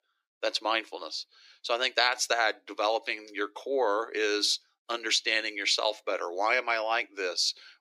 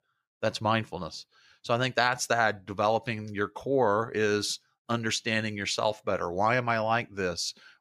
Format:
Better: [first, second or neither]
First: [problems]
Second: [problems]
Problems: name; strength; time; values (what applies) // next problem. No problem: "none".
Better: second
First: thin; very; fading below 300 Hz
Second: none